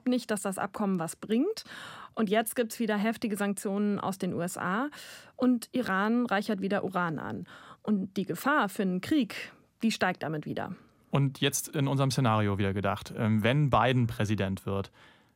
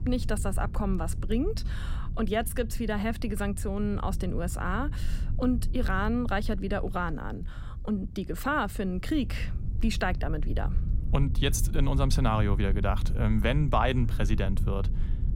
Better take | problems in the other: first | low rumble; noticeable; throughout; 15 dB below the speech

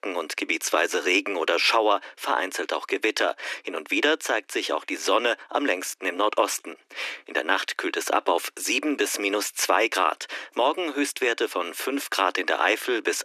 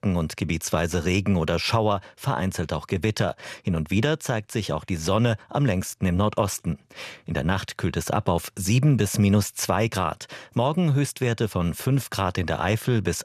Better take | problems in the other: second | thin; very; fading below 300 Hz

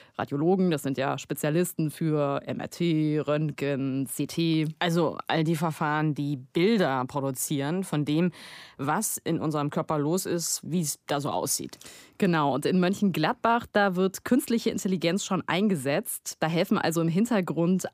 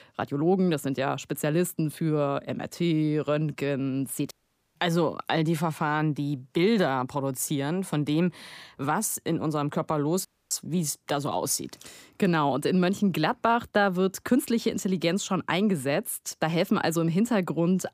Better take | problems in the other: first | audio cutting out; at 4.5 s and at 10 s

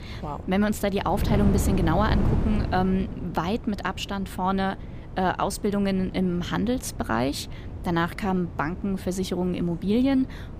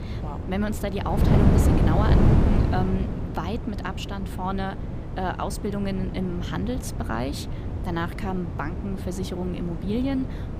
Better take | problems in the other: first | wind noise on the microphone; heavy; 2 dB below the speech; occasional gusts in the first

